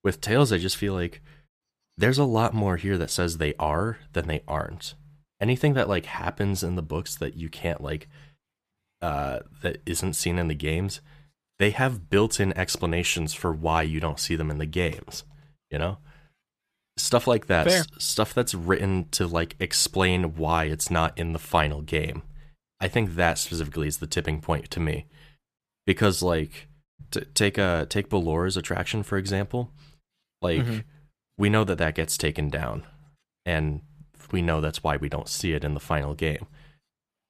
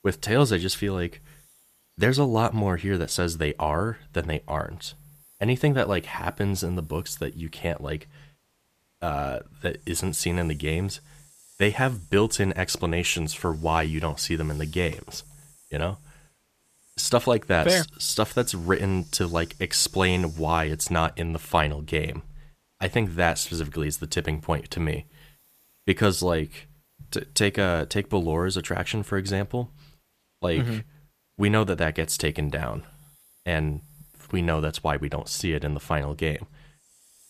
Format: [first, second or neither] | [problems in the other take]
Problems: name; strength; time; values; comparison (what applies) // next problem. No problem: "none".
first | hiss; faint; throughout; 30 dB below the speech